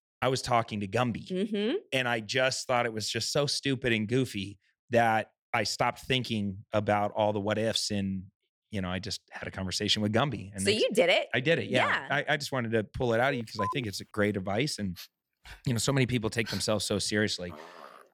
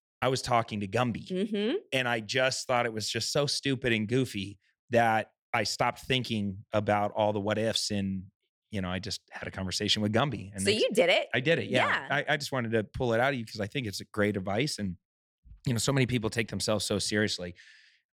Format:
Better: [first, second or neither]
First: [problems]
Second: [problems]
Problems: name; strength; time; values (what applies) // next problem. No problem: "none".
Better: second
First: phone ringing; noticeable; at 13 s; peak 6 dB below the speech // dog barking; faint; from 15 s on; peak 10 dB below the speech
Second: none